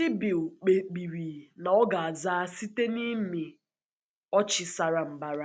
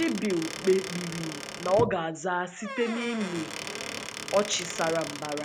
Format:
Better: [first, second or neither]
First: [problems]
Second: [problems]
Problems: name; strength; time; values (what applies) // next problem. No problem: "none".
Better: first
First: none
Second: background sound (Squeak / Wood); 8 dB below the speech